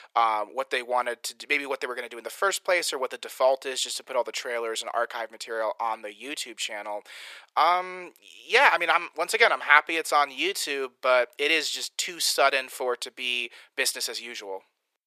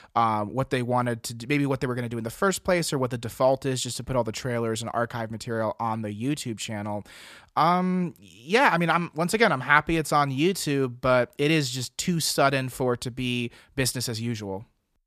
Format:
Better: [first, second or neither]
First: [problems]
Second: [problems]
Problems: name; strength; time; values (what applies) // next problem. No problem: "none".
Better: second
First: thin; very; fading below 450 Hz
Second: none